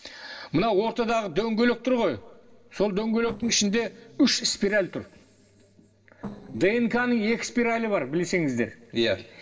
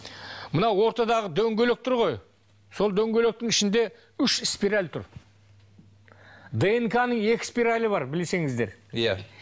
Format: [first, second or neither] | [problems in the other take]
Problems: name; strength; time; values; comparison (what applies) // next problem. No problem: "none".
second | noise reduction (neural separator model SepFormer DNS4)